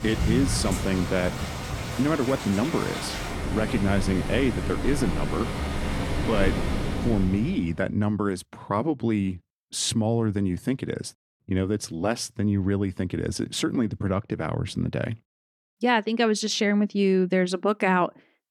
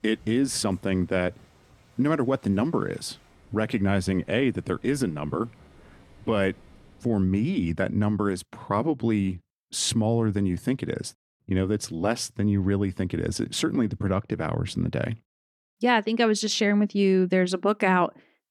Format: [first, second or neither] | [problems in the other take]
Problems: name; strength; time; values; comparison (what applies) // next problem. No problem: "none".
second | rain or running water; loud; until 7 s; 4 dB below the speech; faint in the second